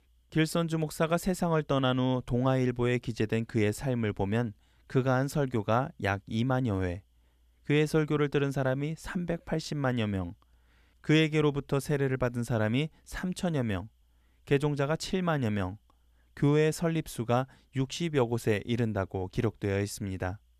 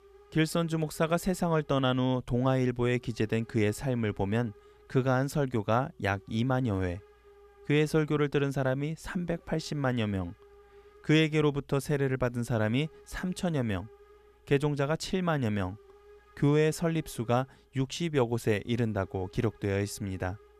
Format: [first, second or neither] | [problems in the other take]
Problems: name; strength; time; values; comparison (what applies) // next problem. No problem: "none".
first | hiss; faint; throughout; 30 dB below the speech